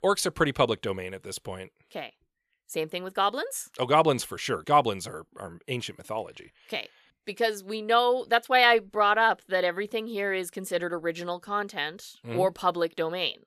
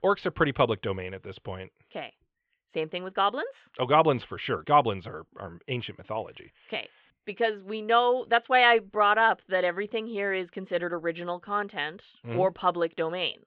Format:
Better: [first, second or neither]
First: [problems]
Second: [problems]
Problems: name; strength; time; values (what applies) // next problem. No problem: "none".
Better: first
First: none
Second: muffled; very; fading above 3 kHz